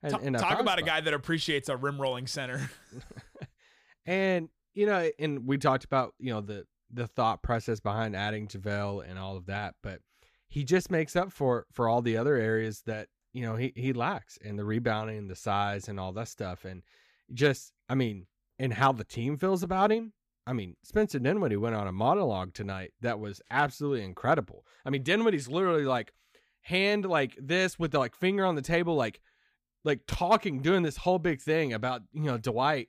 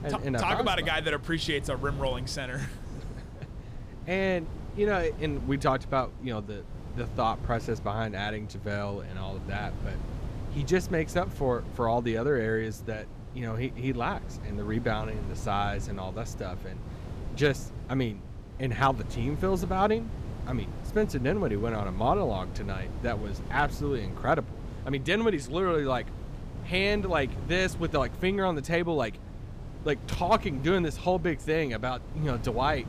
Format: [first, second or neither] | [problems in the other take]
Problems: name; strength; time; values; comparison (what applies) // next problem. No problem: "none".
first | wind noise on the microphone; occasional gusts; 20 dB below the speech